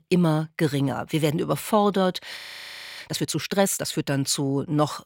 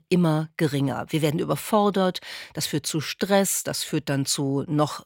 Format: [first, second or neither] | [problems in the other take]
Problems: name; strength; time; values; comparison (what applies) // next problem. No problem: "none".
second | audio freezing; at 2.5 s for 0.5 s